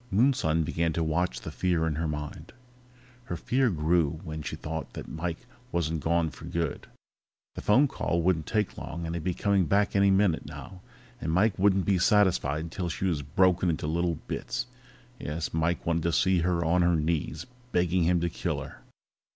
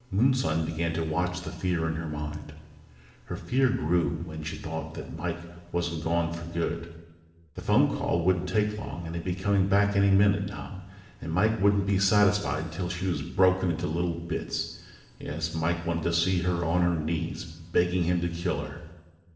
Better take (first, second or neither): first